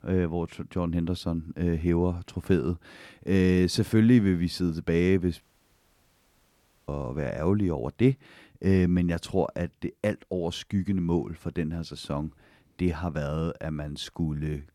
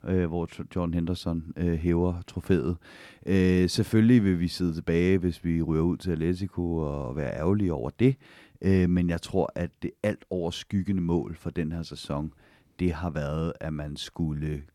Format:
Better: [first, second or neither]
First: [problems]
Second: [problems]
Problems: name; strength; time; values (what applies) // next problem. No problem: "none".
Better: second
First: audio cutting out; at 5.5 s for 1.5 s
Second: none